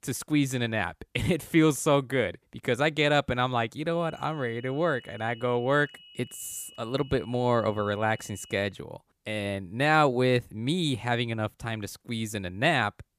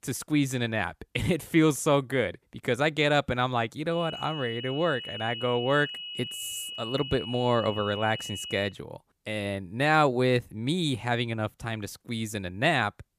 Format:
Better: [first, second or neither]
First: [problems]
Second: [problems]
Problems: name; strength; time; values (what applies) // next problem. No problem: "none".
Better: first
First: high-pitched whine; faint; from 4 to 8.5 s; 3 kHz, 20 dB below the speech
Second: high-pitched whine; loud; from 4 to 8.5 s; 3 kHz, 9 dB below the speech